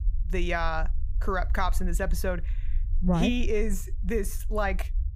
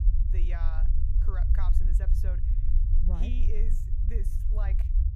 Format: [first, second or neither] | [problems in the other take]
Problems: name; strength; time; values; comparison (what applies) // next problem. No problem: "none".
first | low rumble; loud; throughout; 3 dB below the speech; faint in the first